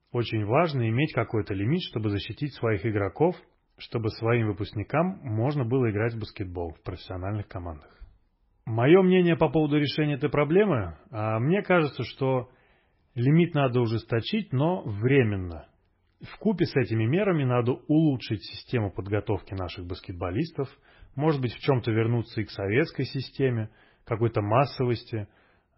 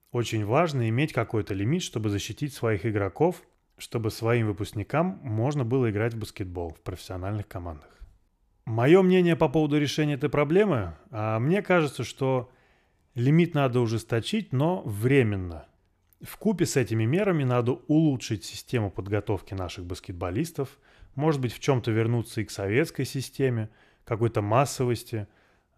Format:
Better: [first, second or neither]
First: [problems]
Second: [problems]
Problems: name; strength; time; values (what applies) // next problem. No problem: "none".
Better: second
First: garbled, watery; badly; nothing above 5.5 kHz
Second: none